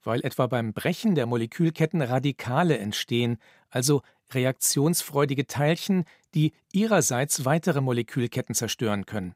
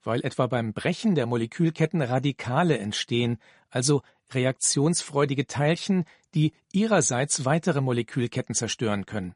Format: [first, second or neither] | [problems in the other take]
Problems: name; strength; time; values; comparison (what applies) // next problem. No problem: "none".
first | garbled, watery; slightly; nothing above 10.5 kHz